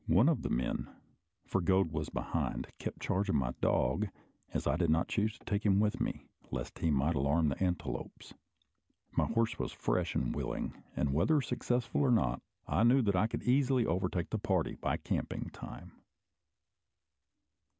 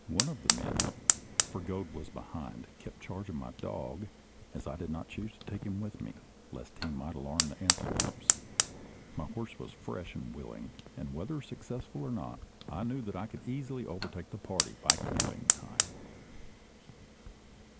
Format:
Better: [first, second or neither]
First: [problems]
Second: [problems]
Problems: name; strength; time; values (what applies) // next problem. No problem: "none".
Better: first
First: none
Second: background sound (Fire); 4 dB above the speech